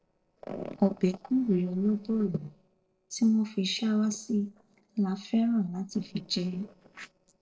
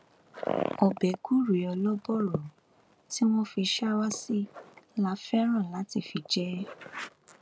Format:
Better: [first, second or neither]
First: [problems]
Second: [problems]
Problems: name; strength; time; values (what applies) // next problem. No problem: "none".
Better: second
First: noise reduction (neural separator model SepFormer DNS4)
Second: none